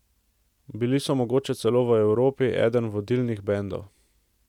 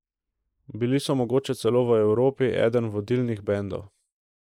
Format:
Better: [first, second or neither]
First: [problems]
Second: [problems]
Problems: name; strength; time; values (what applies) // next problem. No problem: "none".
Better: first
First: none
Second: noise reduction (neural mask model Resemble Enhance denoiser)